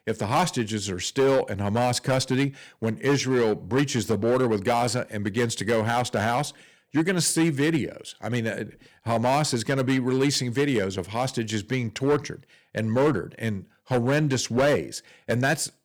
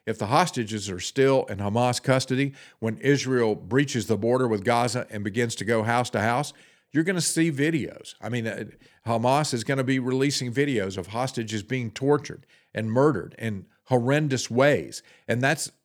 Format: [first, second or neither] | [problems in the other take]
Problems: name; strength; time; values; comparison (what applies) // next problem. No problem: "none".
second | distortion; slight; 6% of the sound clipped